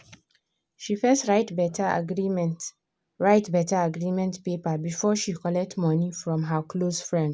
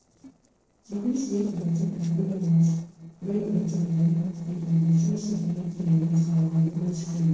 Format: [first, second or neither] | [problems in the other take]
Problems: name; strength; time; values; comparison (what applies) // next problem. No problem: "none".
first | noise reduction (neural separator model SepFormer DNS4)